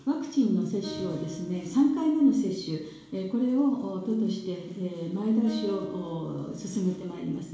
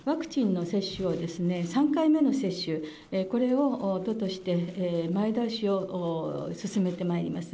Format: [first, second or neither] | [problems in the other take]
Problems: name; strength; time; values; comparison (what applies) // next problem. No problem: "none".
second | background sound (Acoustic guitar); 17 dB below the speech // room echo; dies away in 0.7 s